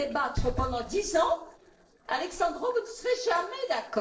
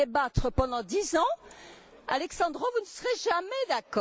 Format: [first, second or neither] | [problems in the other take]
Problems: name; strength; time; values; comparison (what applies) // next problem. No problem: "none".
second | noise reduction (neural separator model SepFormer DNS4)